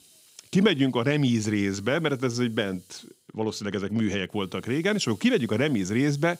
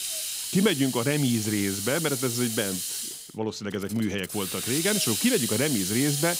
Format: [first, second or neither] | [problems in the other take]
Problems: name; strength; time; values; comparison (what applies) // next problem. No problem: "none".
first | hiss; loud; throughout; 2 dB below the speech; faint in the first